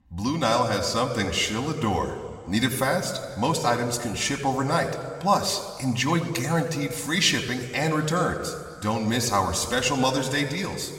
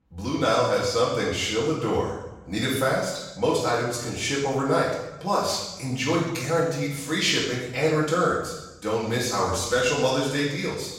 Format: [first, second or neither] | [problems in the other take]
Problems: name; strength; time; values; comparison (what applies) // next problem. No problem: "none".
first | room echo; strong; dies away in 0.9 s; slight in the first // off-mic speech; far